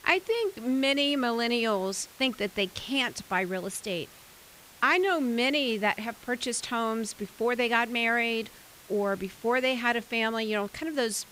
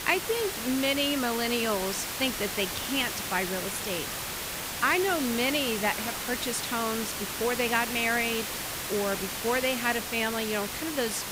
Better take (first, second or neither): first